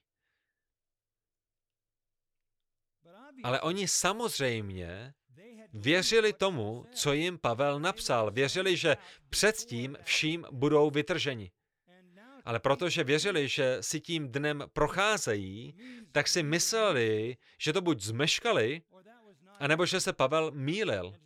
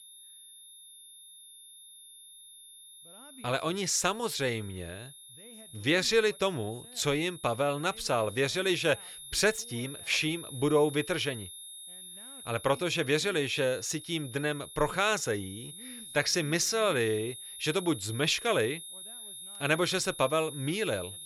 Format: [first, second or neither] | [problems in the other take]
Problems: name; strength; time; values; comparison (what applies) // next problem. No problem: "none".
first | high-pitched whine; noticeable; throughout; 3.5 kHz, 15 dB below the speech